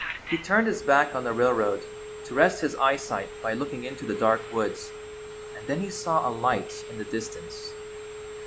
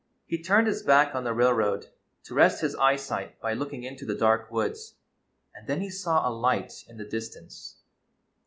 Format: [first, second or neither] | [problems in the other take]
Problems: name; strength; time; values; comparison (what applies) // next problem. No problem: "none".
second | background sound (Telephone); 11 dB below the speech